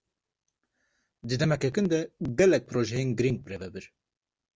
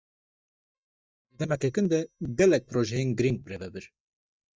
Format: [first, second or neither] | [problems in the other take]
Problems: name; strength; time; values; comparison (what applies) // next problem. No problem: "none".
first | noise reduction (neural mask model DeepFilterNet 3)